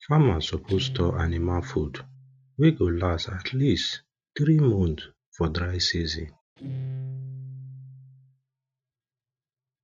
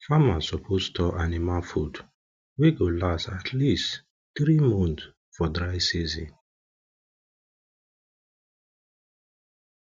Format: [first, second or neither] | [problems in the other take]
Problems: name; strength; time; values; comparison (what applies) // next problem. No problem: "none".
second | noise reduction (neural mask model RNNoise)